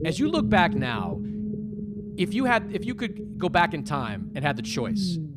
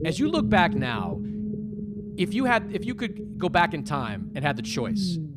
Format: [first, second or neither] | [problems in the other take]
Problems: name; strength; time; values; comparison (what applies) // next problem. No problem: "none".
neither | low rumble; noticeable; throughout; 15 dB below the speech; the same in both